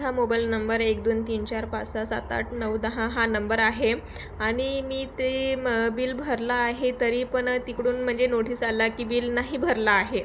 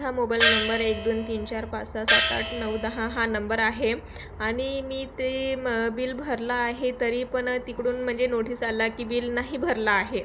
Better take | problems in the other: first | background sound (Gong); as loud as the speech

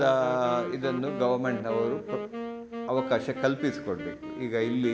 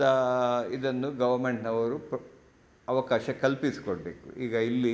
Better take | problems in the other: second | background sound (Wind instrument, woodwind instrument); 8 dB below the speech

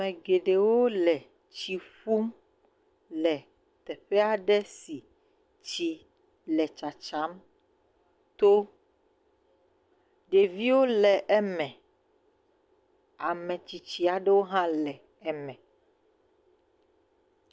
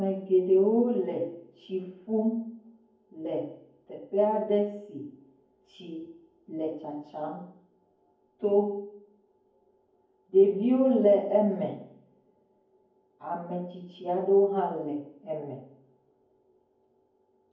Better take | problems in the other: first | room echo; dies away in 0.9 s

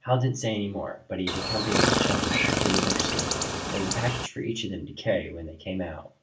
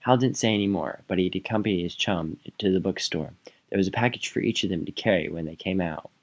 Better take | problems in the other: second | background sound (Chirp, tweet); 4 dB above the speech // room echo; dies away in 0.3 s

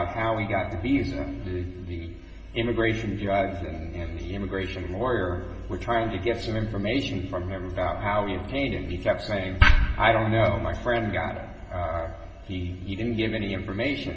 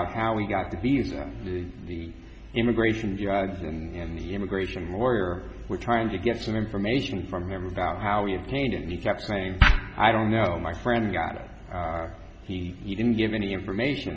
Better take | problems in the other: second | room echo; dies away in 2.1 s

